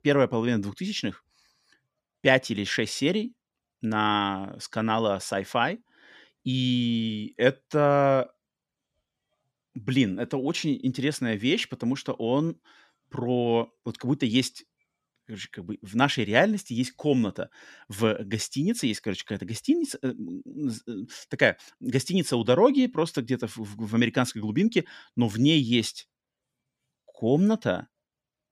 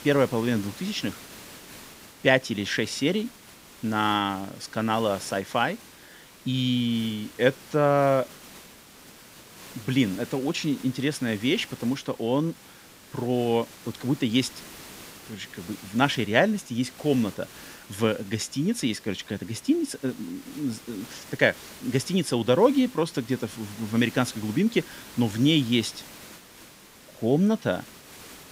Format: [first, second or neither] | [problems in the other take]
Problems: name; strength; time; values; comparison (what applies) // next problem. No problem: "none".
first | hiss; noticeable; throughout; 20 dB below the speech